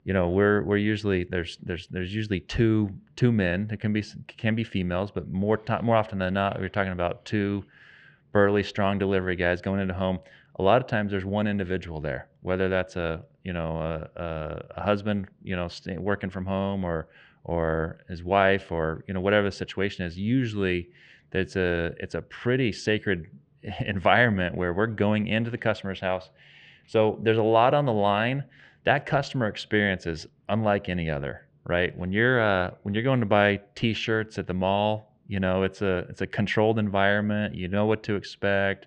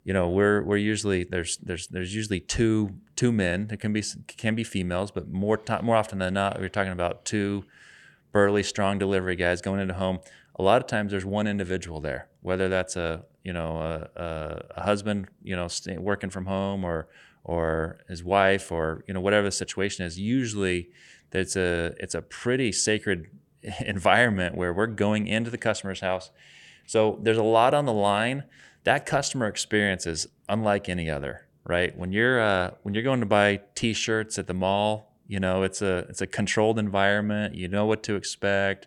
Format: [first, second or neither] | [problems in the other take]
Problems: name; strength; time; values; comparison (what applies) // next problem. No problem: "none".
second | muffled; slightly; fading above 3.5 kHz